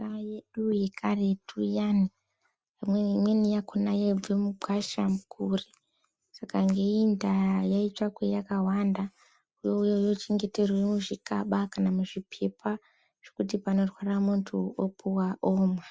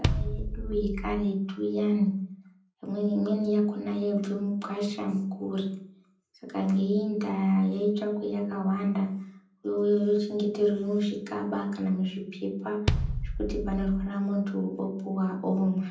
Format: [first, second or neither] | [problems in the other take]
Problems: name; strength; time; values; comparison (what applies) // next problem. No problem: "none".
first | background sound (Bass drum); 3 dB below the speech // room echo; dies away in 0.6 s